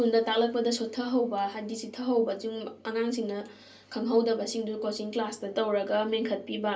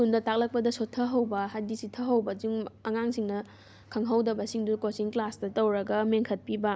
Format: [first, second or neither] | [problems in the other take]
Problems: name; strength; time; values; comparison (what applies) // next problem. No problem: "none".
second | room echo; dies away in 0.3 s